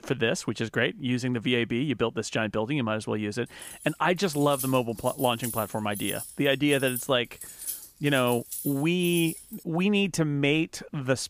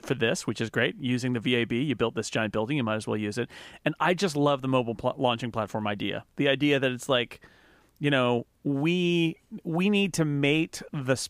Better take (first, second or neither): second